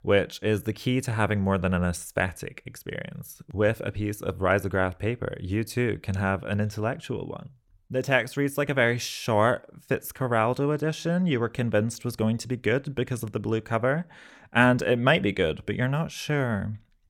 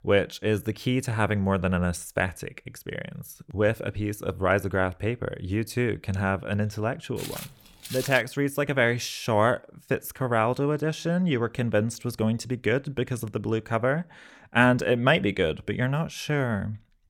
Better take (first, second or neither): first